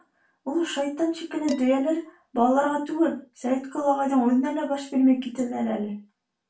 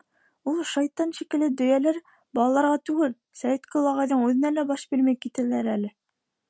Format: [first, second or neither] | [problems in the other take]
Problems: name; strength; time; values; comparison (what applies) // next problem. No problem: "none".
second | background sound (Dishes, pots, and pans); 19 dB below the speech // room echo; dies away in 0.3 s